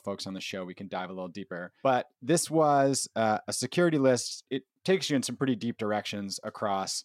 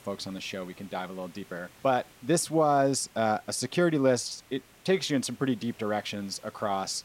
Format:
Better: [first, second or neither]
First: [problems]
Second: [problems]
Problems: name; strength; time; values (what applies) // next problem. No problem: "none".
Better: first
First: none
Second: hiss; faint; throughout; 25 dB below the speech